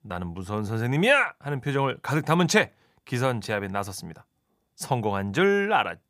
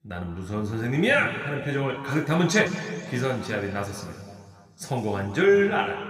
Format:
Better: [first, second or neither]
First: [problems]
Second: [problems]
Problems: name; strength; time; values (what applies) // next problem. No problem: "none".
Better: first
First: none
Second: room echo; slight; dies away in 2.2 s // off-mic speech; somewhat distant